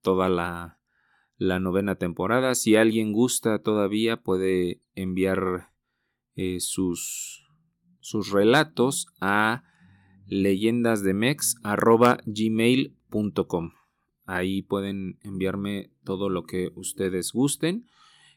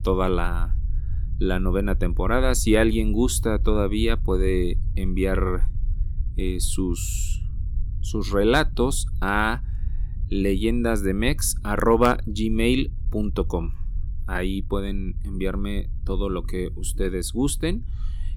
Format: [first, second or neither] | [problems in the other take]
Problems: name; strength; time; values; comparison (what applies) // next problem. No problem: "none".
first | low rumble; faint; throughout; 25 dB below the speech